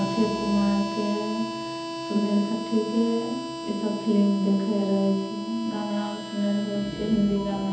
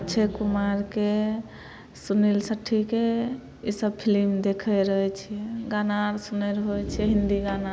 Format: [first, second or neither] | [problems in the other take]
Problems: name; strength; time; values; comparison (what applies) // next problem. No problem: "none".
second | background sound (Harmonica); 8 dB below the speech // room echo; dies away in 1.3 s